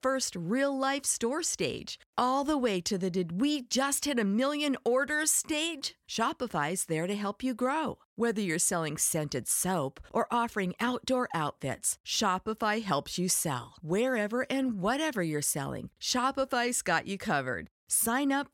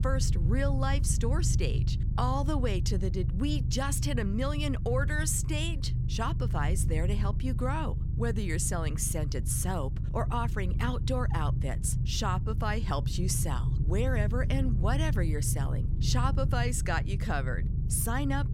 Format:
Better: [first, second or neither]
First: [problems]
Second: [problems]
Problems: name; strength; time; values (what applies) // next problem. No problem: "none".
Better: first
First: none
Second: low rumble; noticeable; throughout; 10 dB below the speech